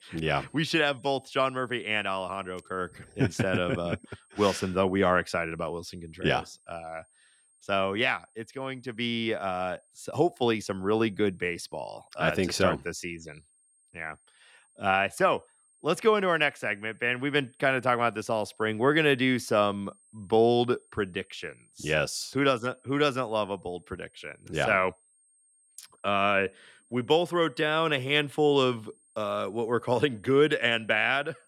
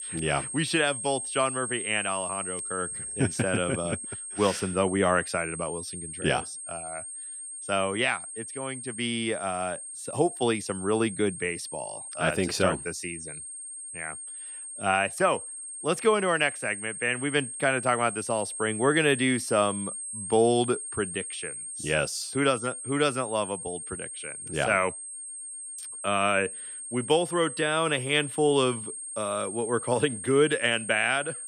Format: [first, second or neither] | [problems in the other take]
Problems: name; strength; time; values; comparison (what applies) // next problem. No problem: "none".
first | high-pitched whine; loud; throughout; 8.5 kHz, 8 dB below the speech; faint in the first